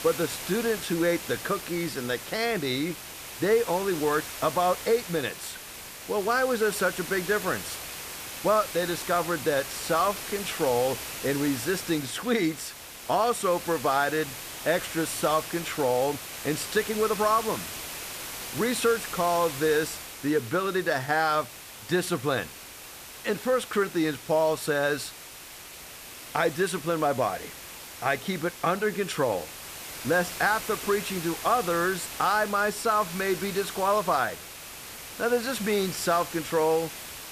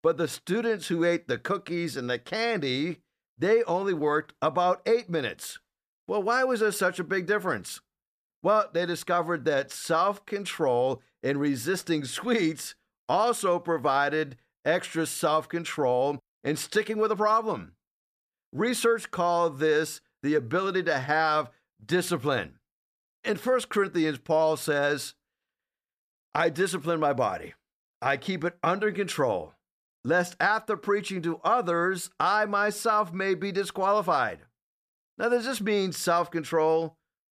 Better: second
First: hiss; loud; throughout; 10 dB below the speech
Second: none

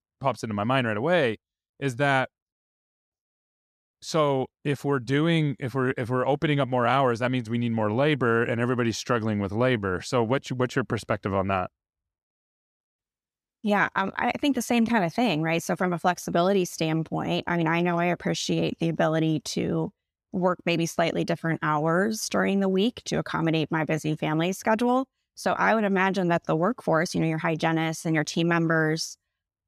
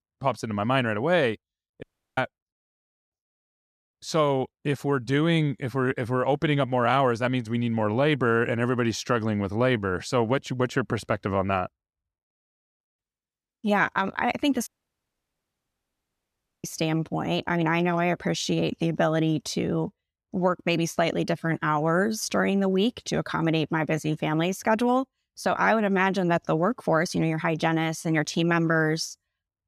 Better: first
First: none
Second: audio cutting out; at 2 s and at 15 s for 2 s

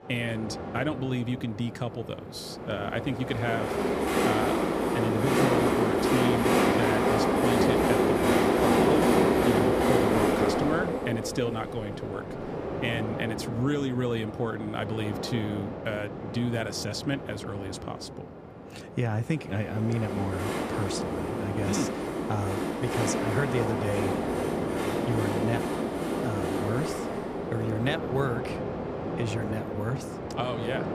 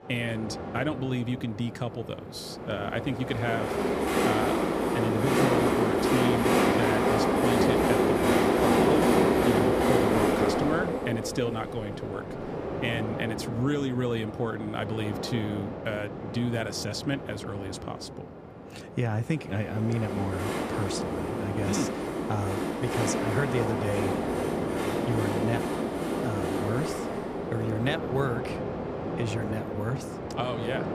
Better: neither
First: train or aircraft noise; very loud; throughout; 4 dB above the speech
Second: train or aircraft noise; very loud; throughout; 4 dB above the speech

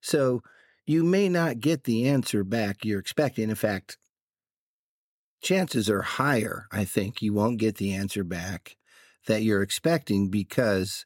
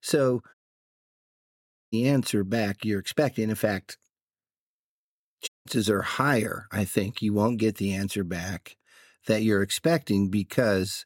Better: first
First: none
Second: audio cutting out; at 0.5 s for 1.5 s and at 5.5 s

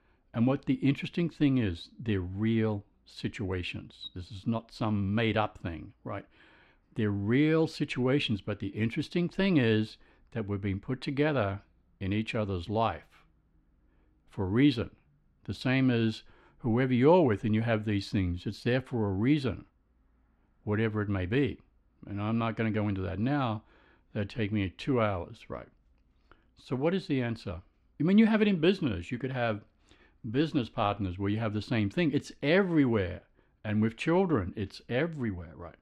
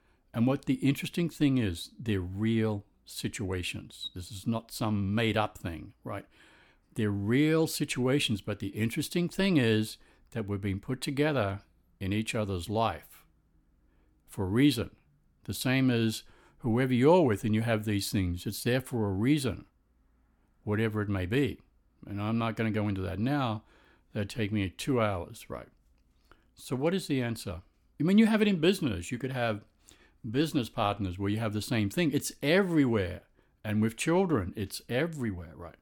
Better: second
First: muffled; very slightly; fading above 3.5 kHz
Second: none

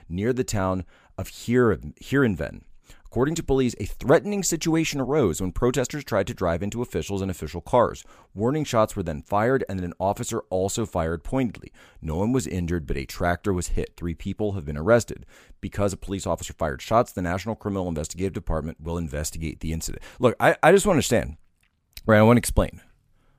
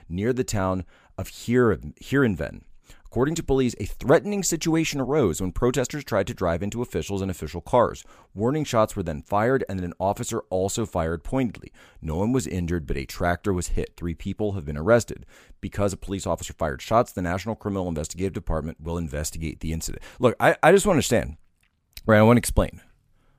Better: neither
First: none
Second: none

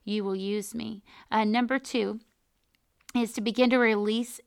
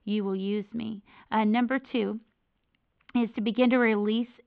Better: first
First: none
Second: muffled; very; fading above 3 kHz

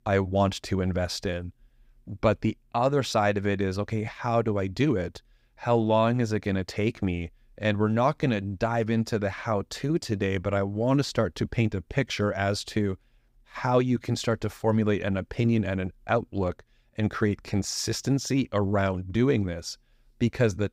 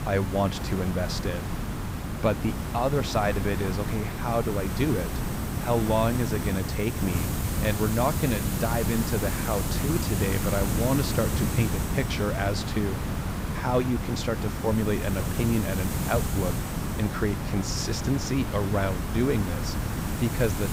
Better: first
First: none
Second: hiss; loud; throughout; 2 dB below the speech

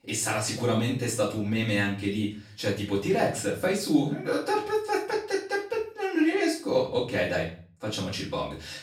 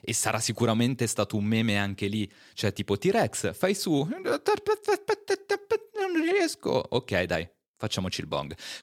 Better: second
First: off-mic speech; far // room echo; slight; dies away in 0.4 s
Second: none

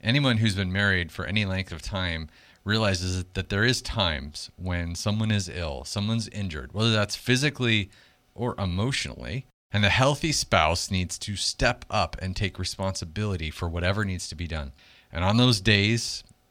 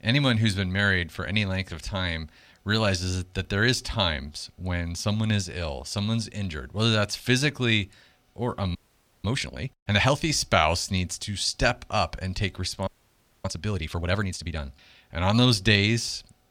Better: first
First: none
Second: audio freezing; at 9 s and at 13 s for 0.5 s

